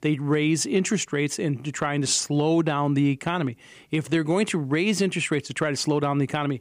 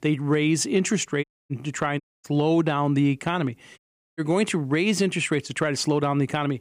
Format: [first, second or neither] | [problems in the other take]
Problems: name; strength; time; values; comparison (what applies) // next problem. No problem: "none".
first | audio cutting out; at 1 s, at 2 s and at 4 s